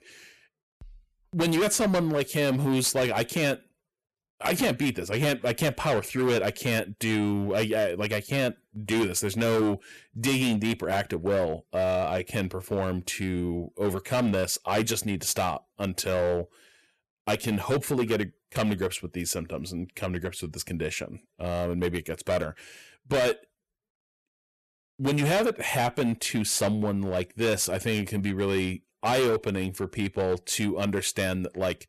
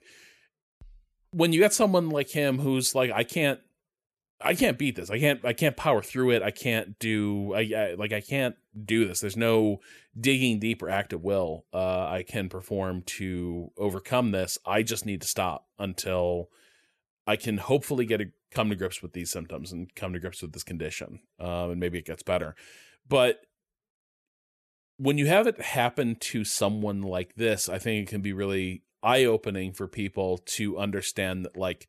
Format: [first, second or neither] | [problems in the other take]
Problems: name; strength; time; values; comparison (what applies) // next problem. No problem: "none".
second | distortion; heavy; 10% of the sound clipped